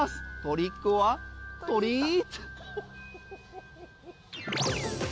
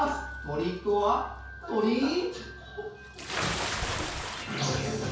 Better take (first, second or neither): first